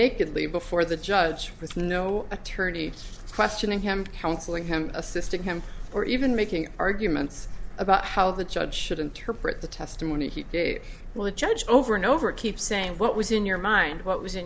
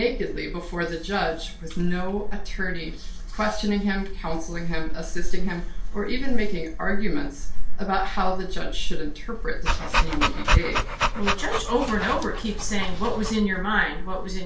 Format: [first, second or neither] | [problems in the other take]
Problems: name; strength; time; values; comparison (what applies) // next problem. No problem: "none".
first | background sound (Dog); 3 dB below the speech // room echo; dies away in 0.3 s